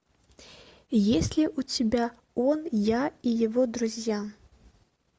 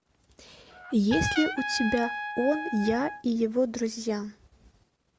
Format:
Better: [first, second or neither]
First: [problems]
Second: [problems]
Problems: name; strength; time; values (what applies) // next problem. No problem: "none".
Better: first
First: none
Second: background sound (Trumpet); 6 dB below the speech